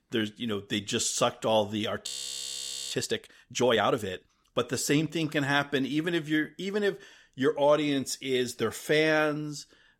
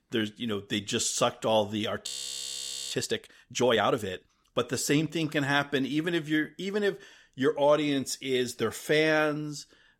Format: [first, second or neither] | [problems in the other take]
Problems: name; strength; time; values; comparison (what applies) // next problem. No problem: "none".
neither | audio freezing; at 2 s for 1 s; the same in both